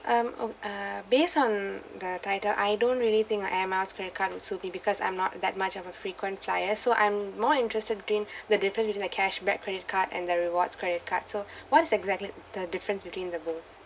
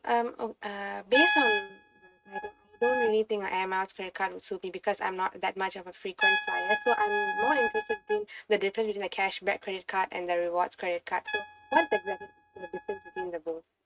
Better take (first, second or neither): first